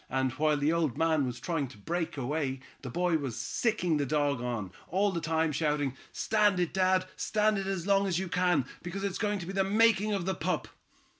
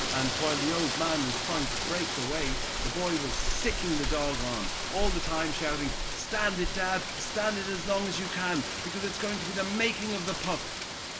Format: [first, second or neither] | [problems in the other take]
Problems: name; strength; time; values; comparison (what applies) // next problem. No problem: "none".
first | background sound (Rain); as loud as the speech